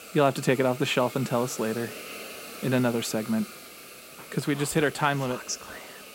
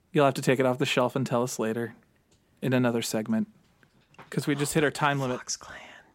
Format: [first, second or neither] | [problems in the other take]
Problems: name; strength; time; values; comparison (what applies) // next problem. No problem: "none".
second | hiss; noticeable; throughout; 15 dB below the speech